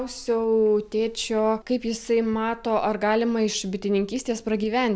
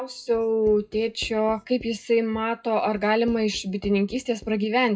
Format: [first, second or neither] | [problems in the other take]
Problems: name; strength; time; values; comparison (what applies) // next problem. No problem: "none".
first | noise reduction (classical method WPE with log-MMSE)